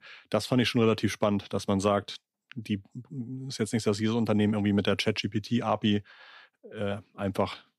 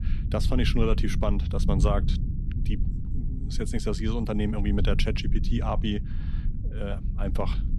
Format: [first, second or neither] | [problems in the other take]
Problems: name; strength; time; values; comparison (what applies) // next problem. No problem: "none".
first | low rumble; noticeable; throughout; 10 dB below the speech